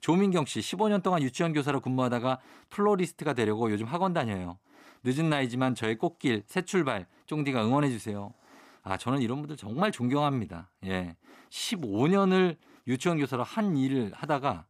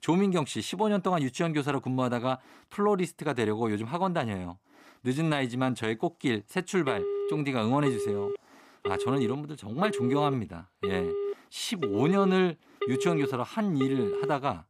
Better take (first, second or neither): first